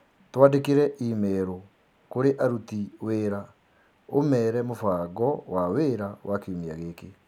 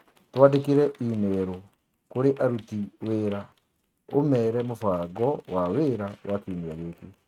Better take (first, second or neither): first